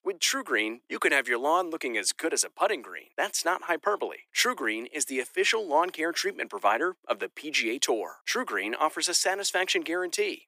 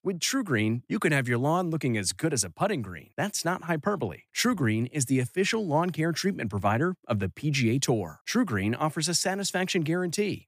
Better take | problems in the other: second | thin; very; fading below 350 Hz

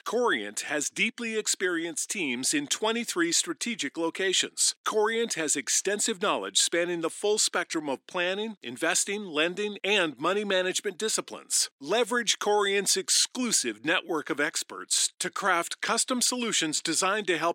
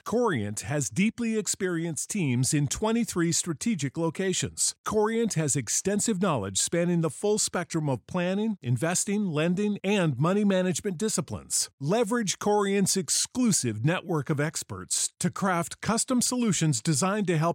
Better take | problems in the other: second | thin; somewhat; fading below 300 Hz

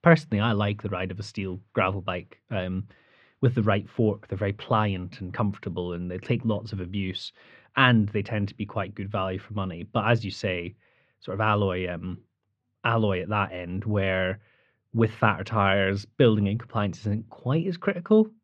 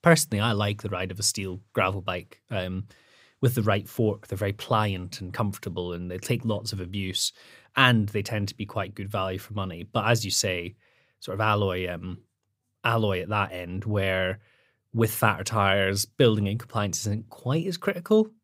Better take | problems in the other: second | muffled; very; fading above 3 kHz

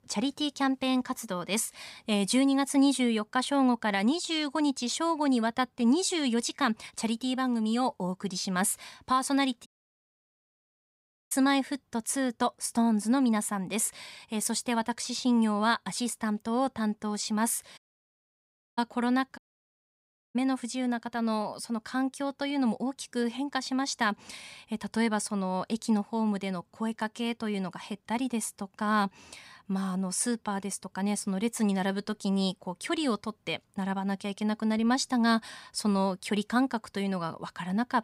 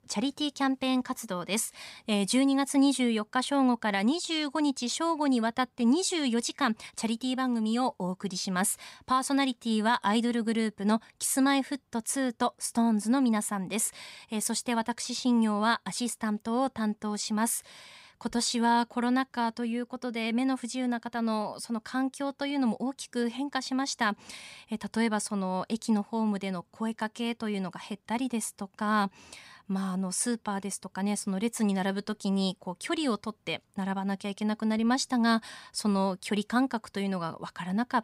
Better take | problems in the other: second | audio cutting out; at 9.5 s for 1.5 s, at 18 s for 1 s and at 19 s for 1 s

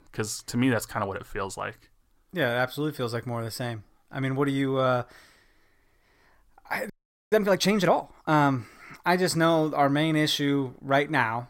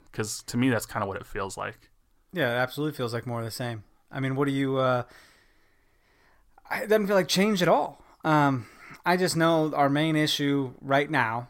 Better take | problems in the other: second | audio freezing; at 7 s

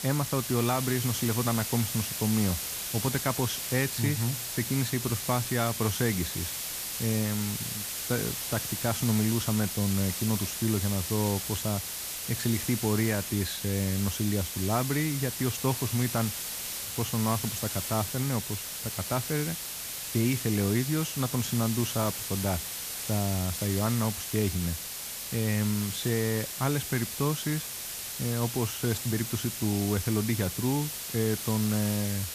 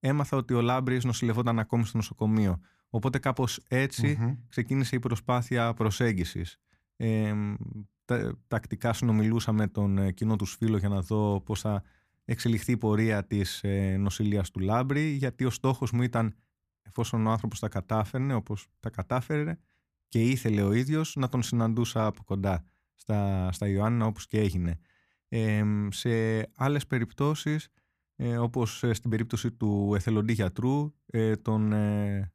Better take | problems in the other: second | hiss; loud; throughout; 3 dB below the speech

